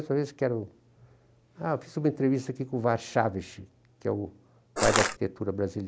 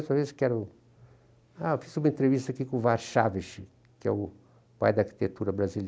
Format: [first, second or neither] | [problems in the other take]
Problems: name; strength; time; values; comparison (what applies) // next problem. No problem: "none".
second | background sound (Crushing); 4 dB above the speech